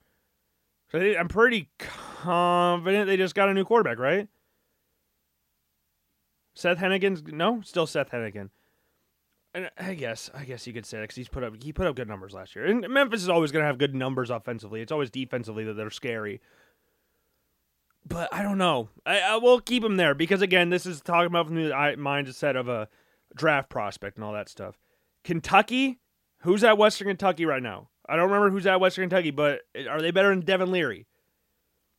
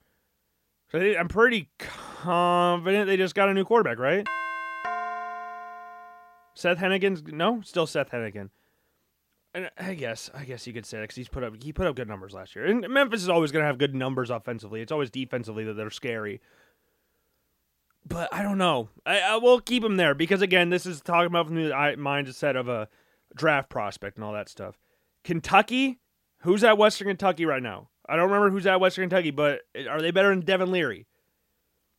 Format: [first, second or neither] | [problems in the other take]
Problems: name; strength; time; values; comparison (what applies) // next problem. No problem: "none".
first | doorbell; noticeable; from 4.5 to 6 s; peak 6 dB below the speech